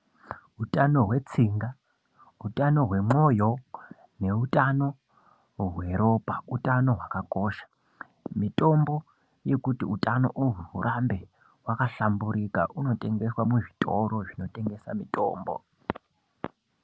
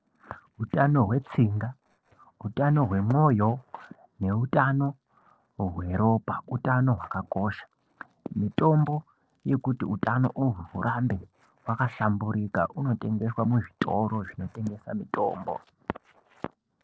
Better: first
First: none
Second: noise reduction (neural separator model SepFormer DNS4)

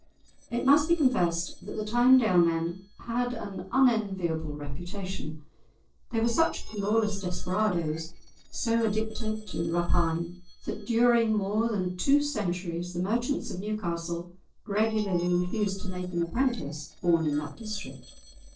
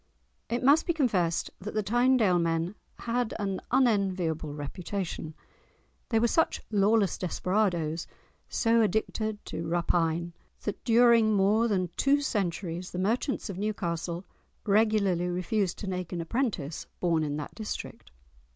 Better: second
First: noise reduction (neural separator model SepFormer DNS4)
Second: none

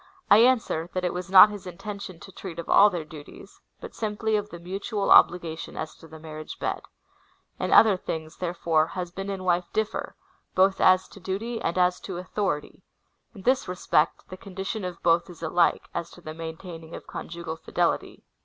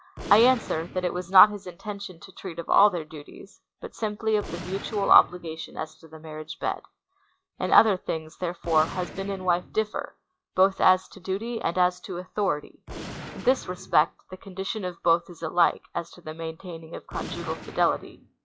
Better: first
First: none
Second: noise reduction (classical method log-MMSE)

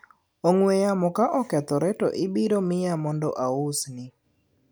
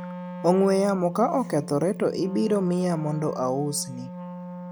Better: first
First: none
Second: background sound (Wind instrument, woodwind instrument); 12 dB below the speech

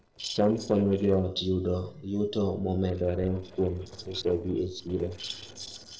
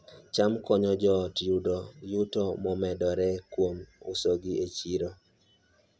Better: second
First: noise reduction (neural separator model SepFormer DNS4)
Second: none

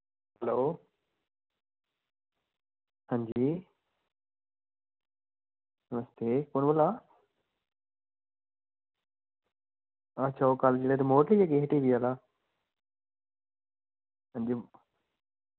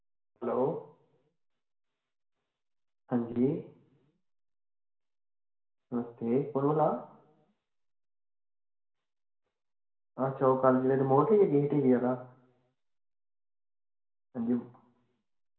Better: first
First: none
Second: room echo; dies away in 0.7 s

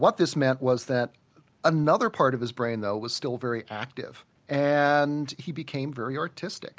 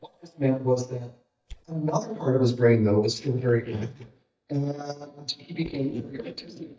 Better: first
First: none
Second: noise reduction (neural mask model DeepFilterNet 3)

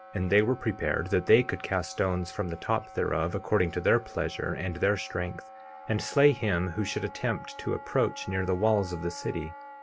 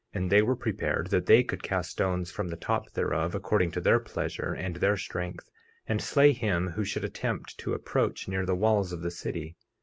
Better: second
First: background sound (Wind instrument, woodwind instrument); 17 dB below the speech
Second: none

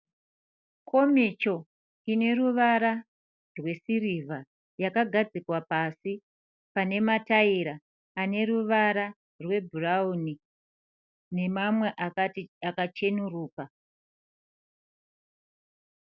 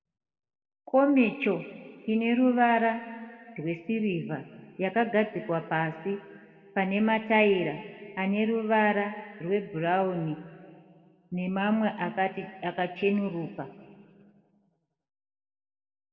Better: first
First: none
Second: room echo; dies away in 1.9 s

